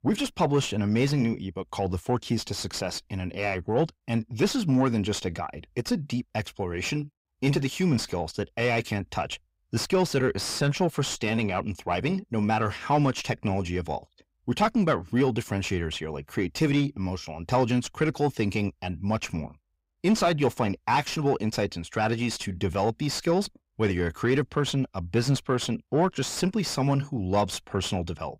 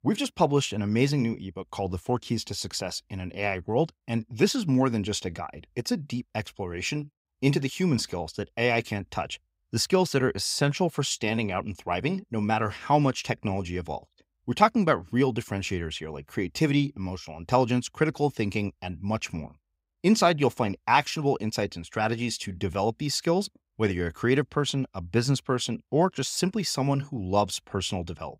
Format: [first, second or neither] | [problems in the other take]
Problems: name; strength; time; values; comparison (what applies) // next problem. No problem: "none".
second | distortion; slight; 10 dB below the speech